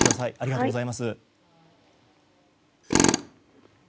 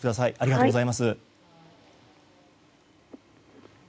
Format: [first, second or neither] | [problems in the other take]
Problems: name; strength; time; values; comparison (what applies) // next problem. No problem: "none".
second | background sound (Tools); 4 dB above the speech